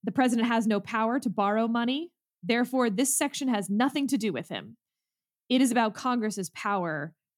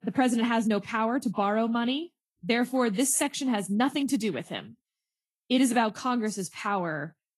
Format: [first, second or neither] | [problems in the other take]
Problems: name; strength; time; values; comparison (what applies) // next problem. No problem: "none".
first | garbled, watery; slightly; nothing above 11.5 kHz